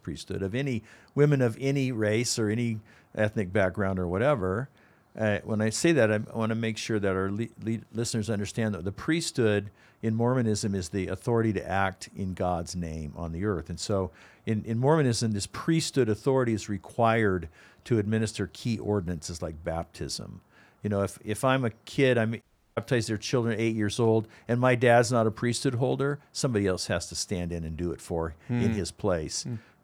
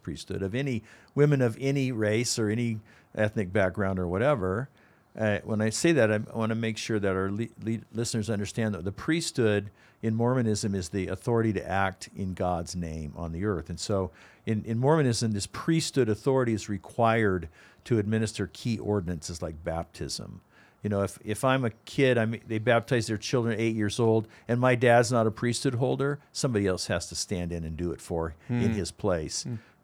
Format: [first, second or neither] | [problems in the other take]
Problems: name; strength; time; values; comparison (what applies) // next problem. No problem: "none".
second | audio cutting out; at 22 s